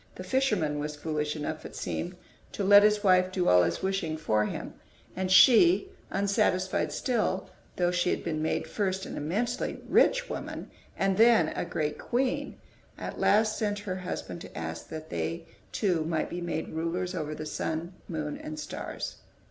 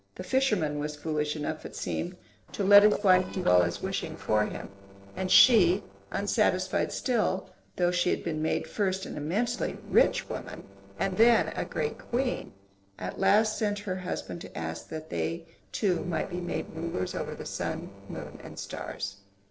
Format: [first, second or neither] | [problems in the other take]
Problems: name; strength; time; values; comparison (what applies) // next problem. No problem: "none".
first | noise reduction (neural separator model SepFormer DNS4)